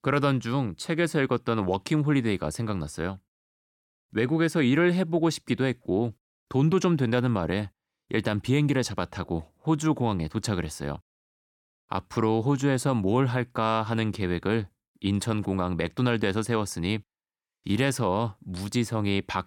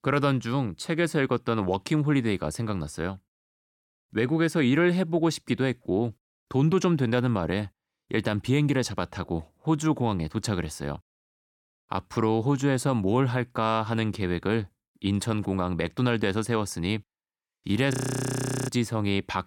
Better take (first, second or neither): first